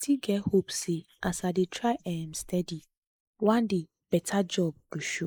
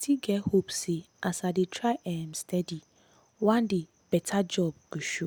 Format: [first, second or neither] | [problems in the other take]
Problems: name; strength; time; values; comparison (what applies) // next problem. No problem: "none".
second | noise reduction (neural mask model Resemble Enhance denoiser)